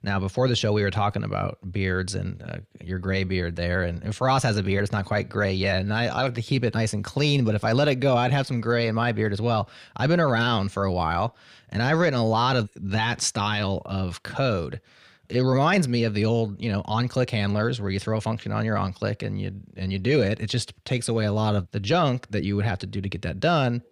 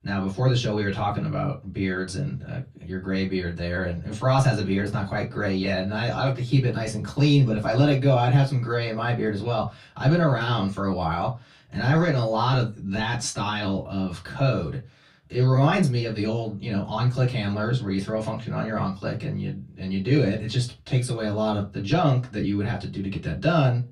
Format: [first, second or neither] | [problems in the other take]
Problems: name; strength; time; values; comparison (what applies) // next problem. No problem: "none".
first | off-mic speech; far // room echo; very slight; dies away in 0.2 s